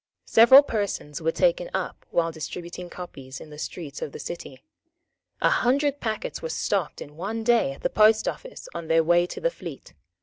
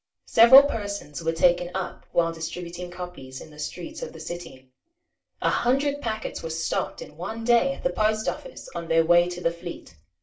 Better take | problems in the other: first | room echo; dies away in 0.2 s

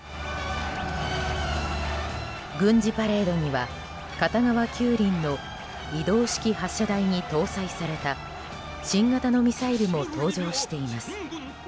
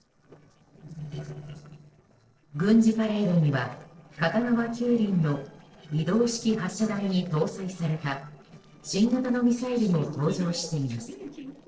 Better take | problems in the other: first | noise reduction (neural separator model SepFormer DNS4)

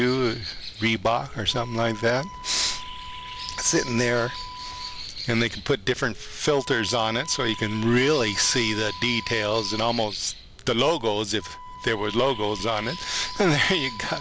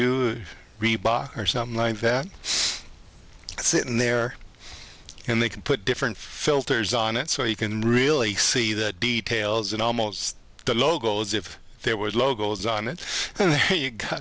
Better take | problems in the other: second | background sound (Bird + Wind instrument, woodwind instrument); 12 dB below the speech

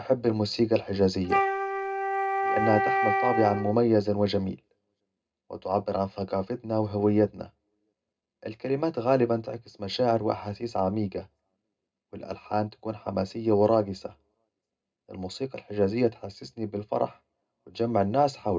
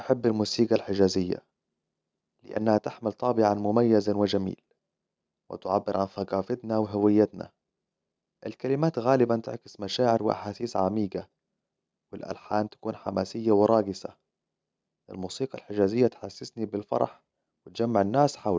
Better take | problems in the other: second | background sound (Wind instrument, woodwind instrument); as loud as the speech // room echo; dies away in 0.2 s

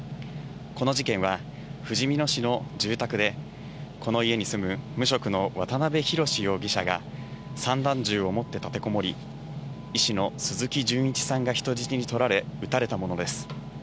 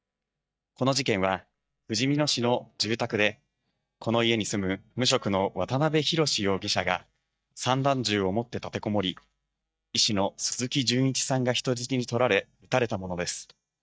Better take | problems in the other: first | noise reduction (neural mask model DeepFilterNet 3)

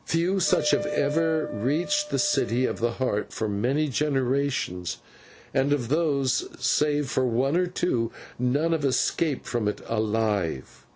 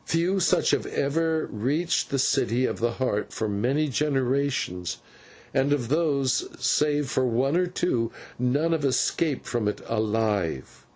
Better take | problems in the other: second | background sound (Wind instrument, woodwind instrument); 10 dB below the speech

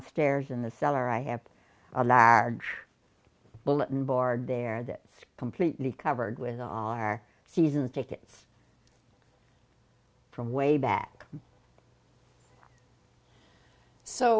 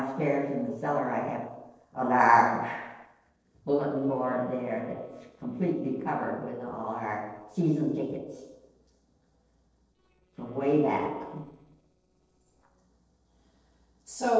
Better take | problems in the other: first | noise reduction (neural separator model SepFormer DNS4)

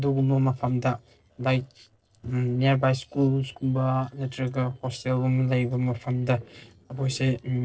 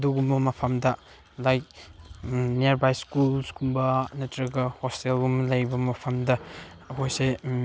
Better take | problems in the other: second | noise reduction (neural separator model SepFormer DNS4)

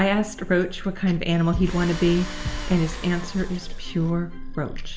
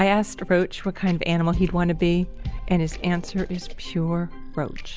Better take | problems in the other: second | background sound (Tools); 16 dB below the speech // room echo; dies away in 2 s

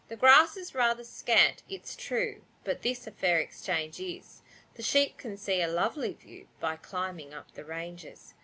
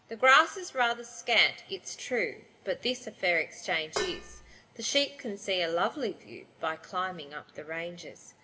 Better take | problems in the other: first | background sound (Dishes, pots, and pans); 6 dB below the speech // room echo; dies away in 1.9 s

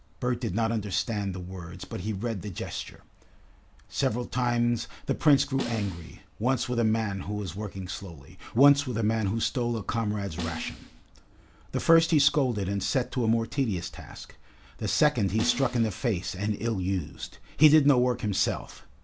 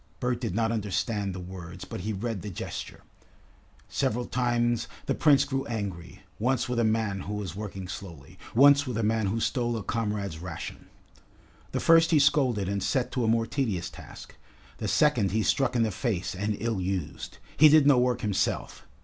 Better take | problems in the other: second | background sound (Snare drum); 12 dB below the speech

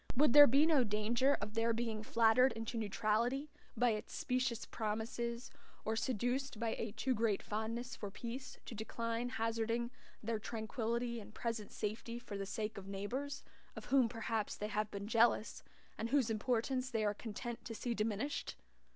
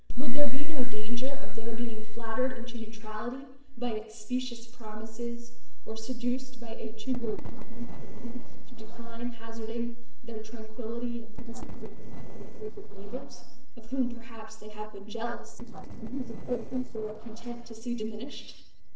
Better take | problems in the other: first | noise reduction (neural separator model SepFormer DNS4)

